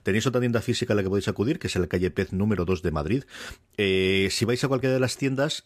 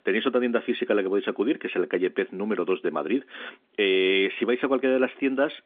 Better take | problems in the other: first | phone-call audio; nothing above 3.5 kHz

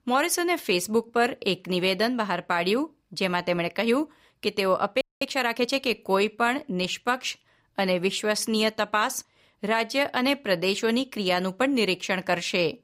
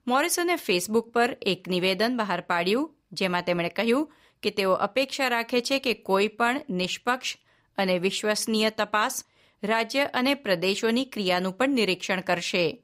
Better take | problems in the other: second | audio freezing; at 5 s

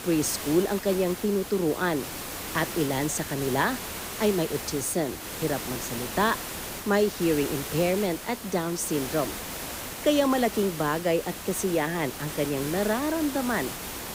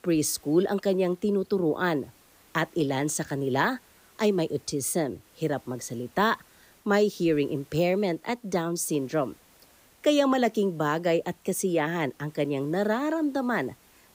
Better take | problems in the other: second | hiss; loud; throughout; 7 dB below the speech; faint in the second

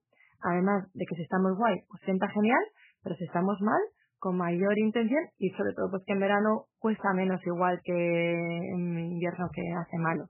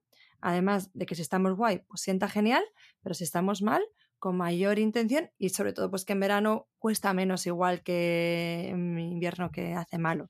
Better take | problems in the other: second | garbled, watery; badly; nothing above 3 kHz

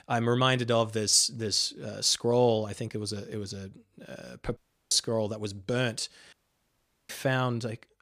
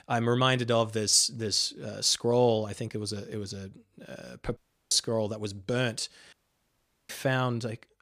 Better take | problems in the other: neither | audio cutting out; at 4.5 s and at 6.5 s for 1 s; the same in both

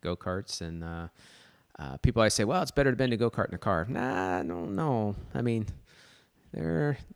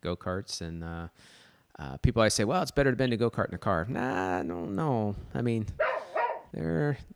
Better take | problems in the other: first | dog barking; noticeable; at 6 s; peak 1 dB below the speech

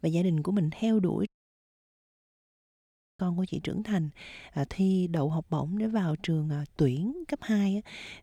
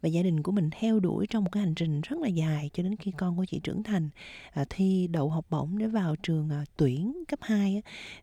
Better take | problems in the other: second | audio cutting out; at 1.5 s for 2 s

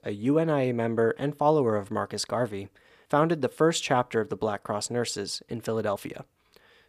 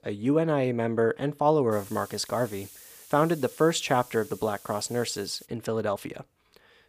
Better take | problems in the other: first | hiss; noticeable; from 1.5 to 5.5 s; 20 dB below the speech

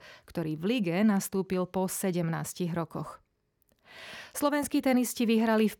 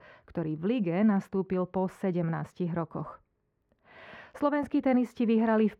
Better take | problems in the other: first | muffled; very; fading above 4 kHz

